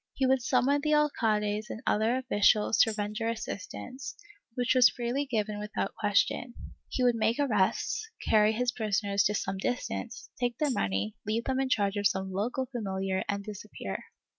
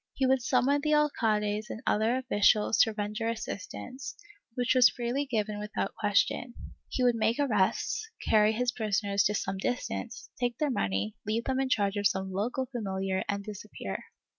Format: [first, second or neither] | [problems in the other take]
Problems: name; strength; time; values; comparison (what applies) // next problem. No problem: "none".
second | background sound (Tambourine); 15 dB below the speech